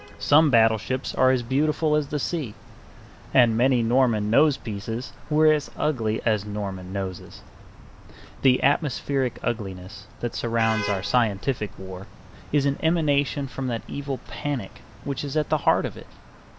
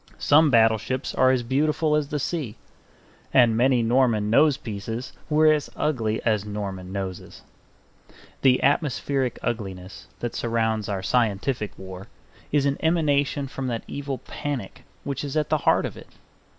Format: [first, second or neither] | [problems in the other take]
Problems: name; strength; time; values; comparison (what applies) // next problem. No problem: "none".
second | background sound (Traffic noise, roadway noise / Vehicle horn, car horn, honking); 18 dB below the speech